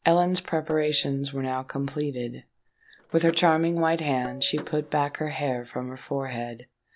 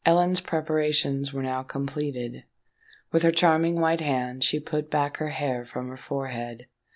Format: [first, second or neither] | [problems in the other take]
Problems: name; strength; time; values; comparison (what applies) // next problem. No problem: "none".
second | background sound (Tabla + Door / Car); 20 dB below the speech